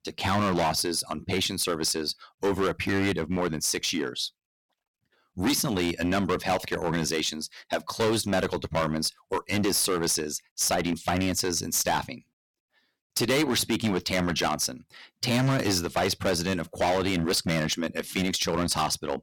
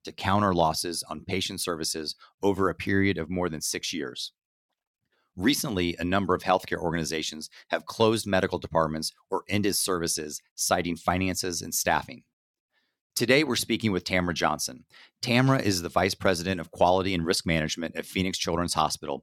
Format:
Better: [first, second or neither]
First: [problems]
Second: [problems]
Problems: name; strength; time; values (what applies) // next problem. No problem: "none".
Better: second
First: distortion; heavy; 11% of the sound clipped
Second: none